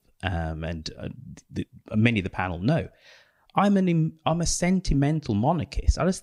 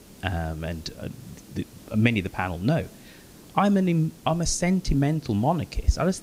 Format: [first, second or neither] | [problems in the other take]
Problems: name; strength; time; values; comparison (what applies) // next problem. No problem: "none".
first | hiss; faint; throughout; 25 dB below the speech